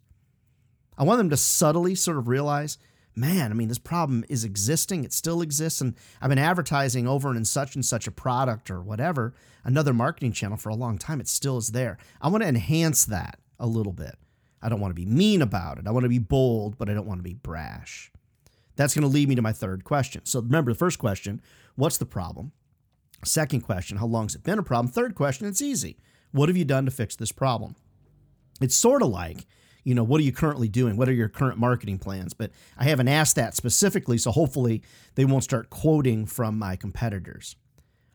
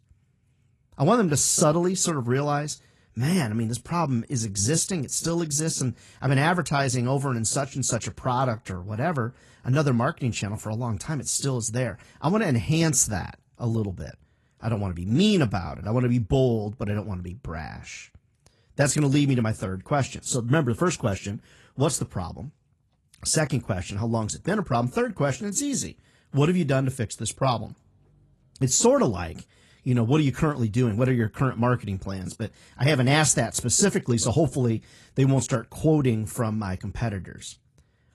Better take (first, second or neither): first